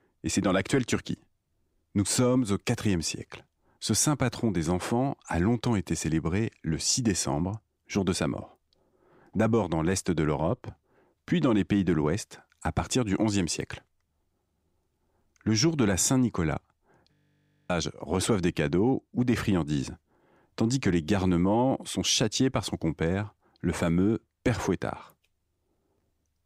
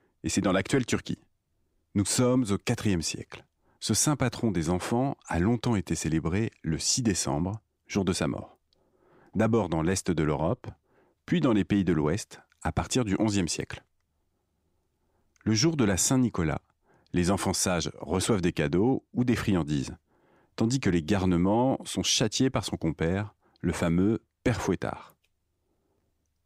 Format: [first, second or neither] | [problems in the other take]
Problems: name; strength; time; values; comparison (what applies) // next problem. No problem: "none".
second | audio freezing; at 17 s for 0.5 s